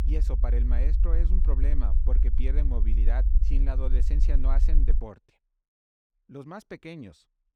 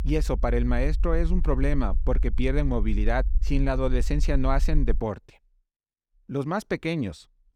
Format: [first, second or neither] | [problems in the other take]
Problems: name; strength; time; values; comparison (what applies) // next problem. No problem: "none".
second | low rumble; loud; until 5 s; 6 dB below the speech; faint in the second